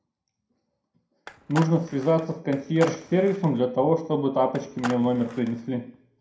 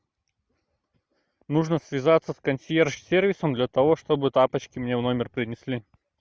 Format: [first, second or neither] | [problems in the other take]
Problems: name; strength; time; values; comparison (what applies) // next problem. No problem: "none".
second | background sound (Skateboard); 13 dB below the speech // room echo; dies away in 0.4 s